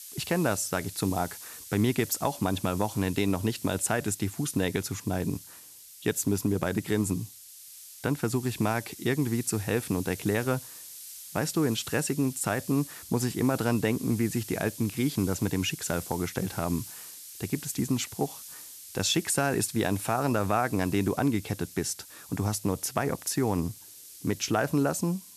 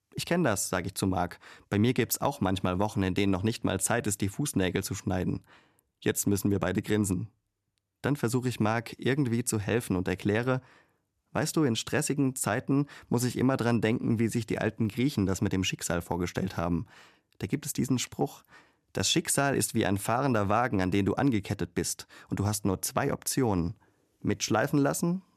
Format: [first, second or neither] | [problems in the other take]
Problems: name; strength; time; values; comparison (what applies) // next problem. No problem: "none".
second | hiss; noticeable; throughout; 15 dB below the speech